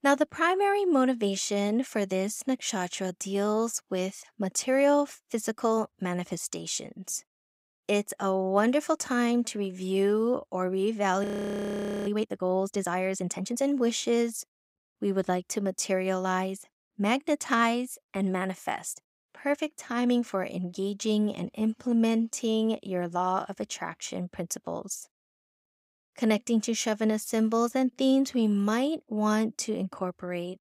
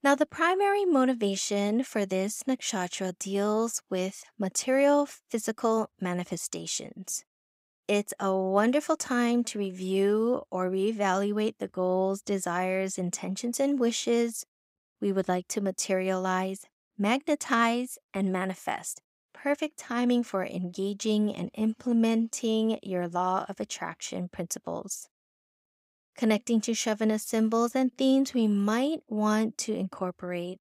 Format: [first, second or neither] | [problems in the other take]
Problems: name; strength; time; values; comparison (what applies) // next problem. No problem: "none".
second | audio freezing; at 11 s for 1 s